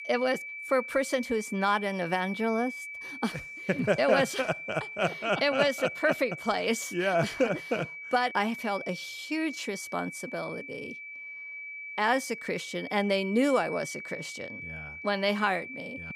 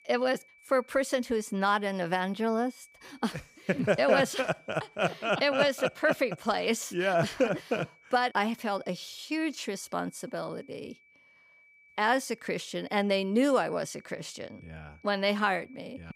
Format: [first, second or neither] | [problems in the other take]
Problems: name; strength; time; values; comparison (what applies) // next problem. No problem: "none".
second | high-pitched whine; loud; throughout; 2.5 kHz, 10 dB below the speech; faint in the second